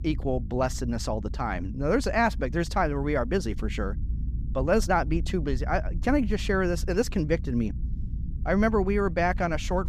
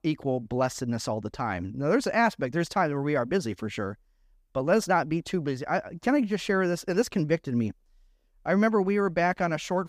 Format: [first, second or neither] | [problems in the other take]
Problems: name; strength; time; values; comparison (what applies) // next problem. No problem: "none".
second | low rumble; faint; throughout; 20 dB below the speech